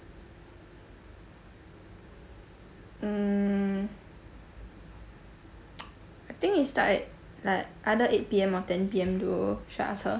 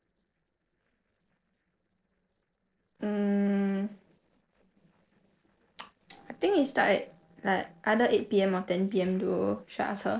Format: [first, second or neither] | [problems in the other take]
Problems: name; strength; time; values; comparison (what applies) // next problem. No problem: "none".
first | noise reduction (neural separator model SepFormer DNS4)